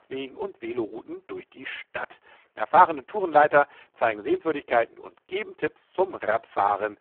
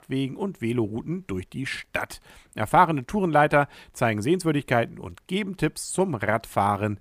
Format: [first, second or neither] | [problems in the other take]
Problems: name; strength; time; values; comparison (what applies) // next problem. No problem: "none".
second | phone-call audio; poor line